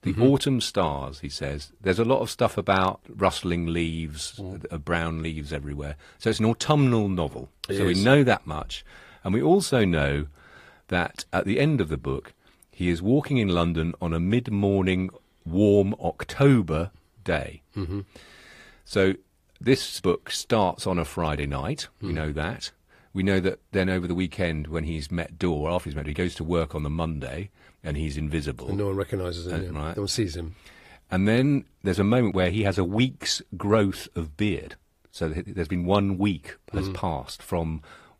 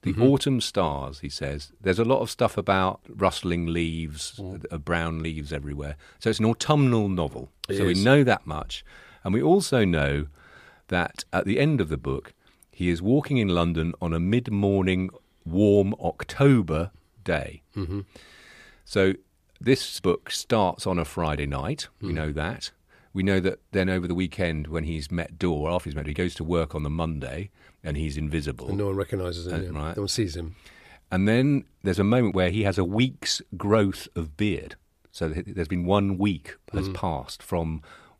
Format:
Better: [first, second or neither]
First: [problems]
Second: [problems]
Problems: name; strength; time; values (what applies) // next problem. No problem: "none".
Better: second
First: garbled, watery; slightly; nothing above 15 kHz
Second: none